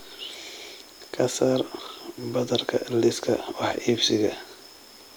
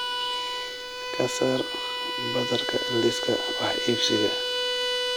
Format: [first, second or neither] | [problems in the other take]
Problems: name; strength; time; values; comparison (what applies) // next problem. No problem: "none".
first | background sound (Bowed string instrument); as loud as the speech